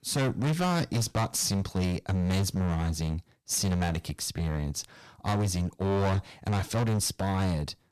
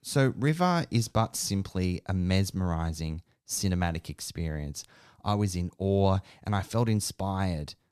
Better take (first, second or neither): second